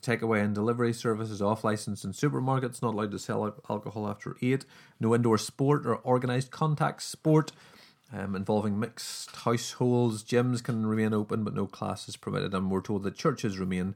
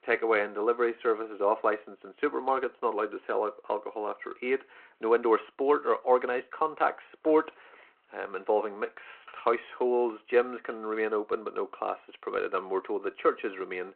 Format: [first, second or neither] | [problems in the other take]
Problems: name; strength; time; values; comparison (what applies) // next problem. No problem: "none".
first | phone-call audio; nothing above 4 kHz